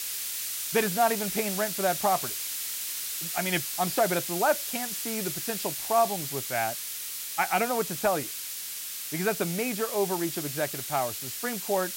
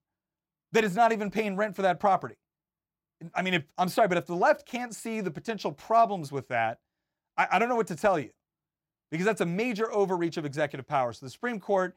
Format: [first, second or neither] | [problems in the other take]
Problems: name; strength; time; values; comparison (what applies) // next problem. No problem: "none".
second | hiss; loud; throughout; 2 dB below the speech